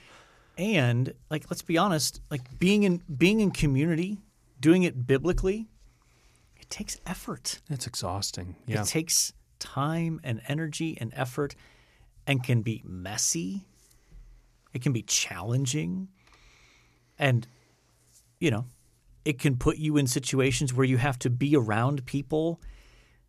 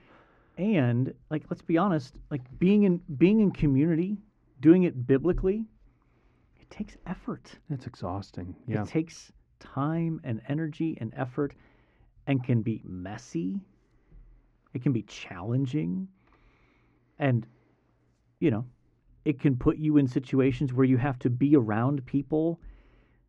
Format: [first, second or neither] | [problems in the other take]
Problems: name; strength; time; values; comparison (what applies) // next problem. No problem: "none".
first | muffled; very; fading above 2 kHz